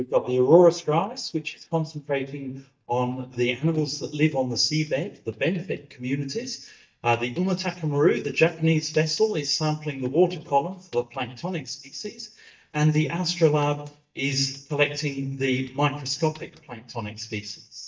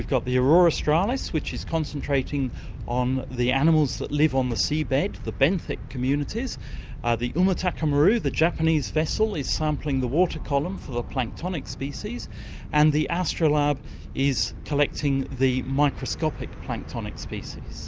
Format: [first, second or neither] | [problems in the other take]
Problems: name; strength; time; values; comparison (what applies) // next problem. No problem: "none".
second | noise reduction (neural mask model DeepFilterNet 3)